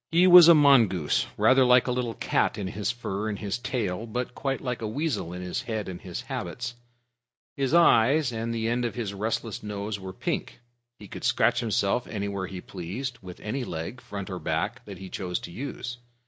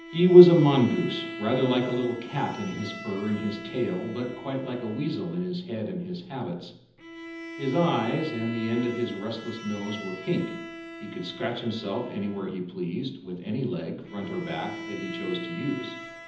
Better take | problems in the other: first | background sound (Bowed string instrument); 14 dB below the speech // room echo; dies away in 0.8 s

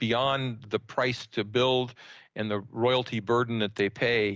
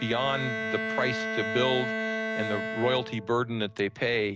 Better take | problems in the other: first | background sound (Bowed string instrument); 4 dB below the speech

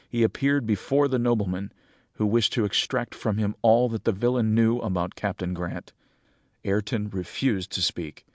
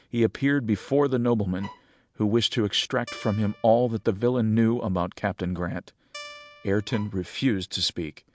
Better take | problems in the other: first | background sound (Guitar + Bowed string instrument); 19 dB below the speech

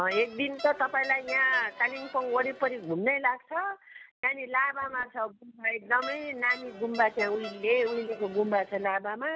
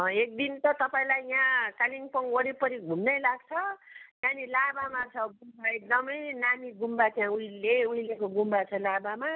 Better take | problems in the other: second | background sound (Crowd); 14 dB below the speech

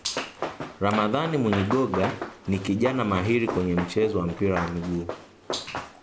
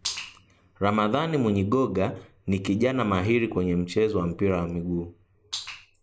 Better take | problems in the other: second | background sound (Run); 9 dB below the speech

